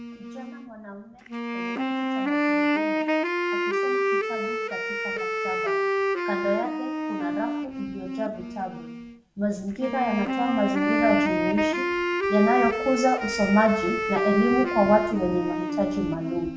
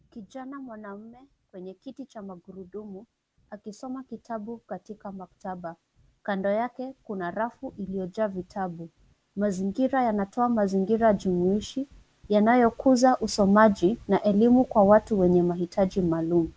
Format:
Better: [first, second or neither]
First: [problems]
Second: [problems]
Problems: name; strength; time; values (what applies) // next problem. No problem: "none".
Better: second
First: background sound (Wind instrument, woodwind instrument); 1 dB above the speech // room echo; dies away in 0.6 s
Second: none